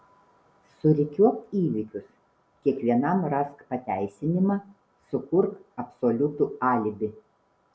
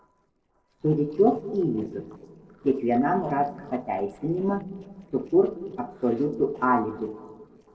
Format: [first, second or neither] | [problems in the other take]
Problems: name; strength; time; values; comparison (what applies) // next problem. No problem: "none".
first | noise reduction (neural separator model SepFormer DNS4)